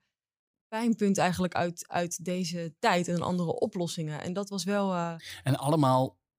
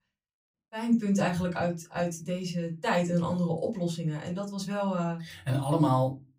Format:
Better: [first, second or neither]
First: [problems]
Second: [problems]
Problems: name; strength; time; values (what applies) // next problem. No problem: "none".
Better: first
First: none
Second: off-mic speech; far // room echo; very slight; dies away in 0.3 s